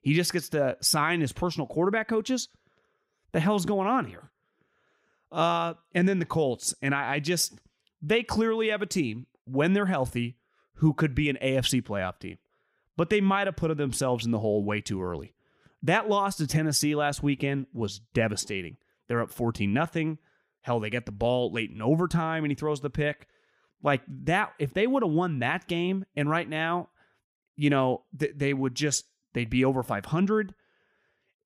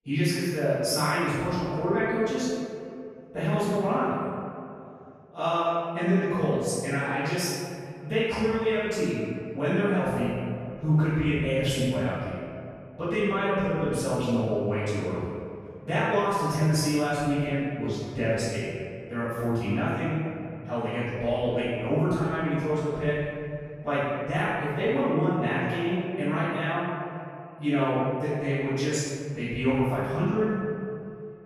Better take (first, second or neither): first